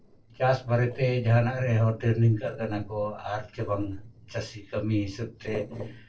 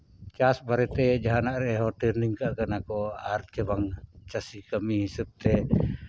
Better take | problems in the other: second | noise reduction (neural separator model SepFormer DNS4)

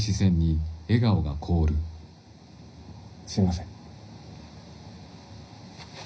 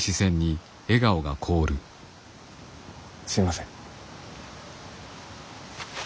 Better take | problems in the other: second | room echo; dies away in 0.5 s

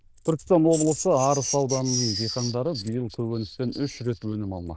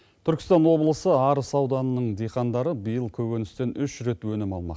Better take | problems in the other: second | noise reduction (neural diffusion model UNIVERSE++)

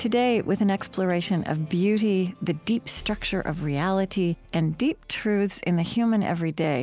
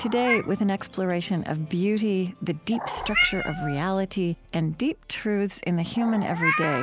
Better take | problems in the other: first | background sound (Meow); 6 dB below the speech

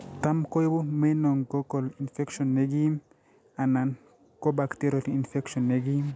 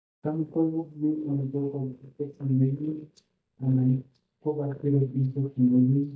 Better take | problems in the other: first | noise reduction (neural mask model DeepFilterNet 3)

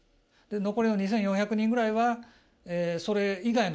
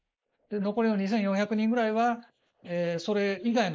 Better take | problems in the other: first | noise reduction (neural mask model Resemble Enhance denoiser)

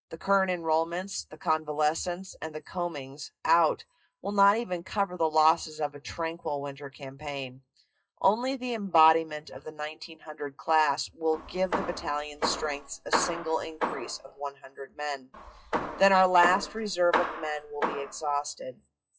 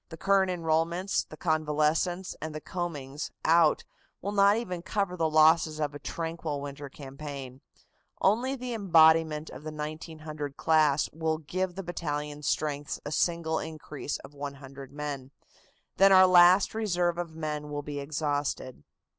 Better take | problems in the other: second | noise reduction (classical method WPE with log-MMSE)

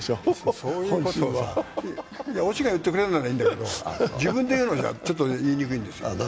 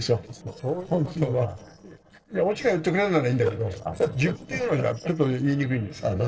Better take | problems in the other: first | noise reduction (neural separator model SepFormer DNS4)

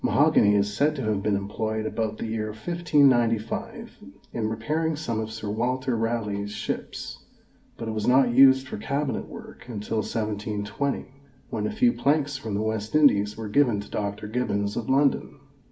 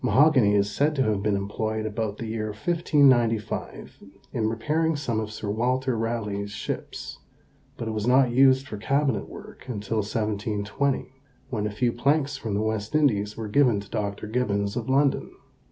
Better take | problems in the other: second | room echo; dies away in 0.5 s

